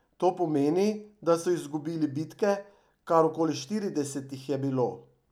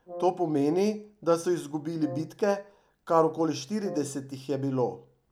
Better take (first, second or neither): first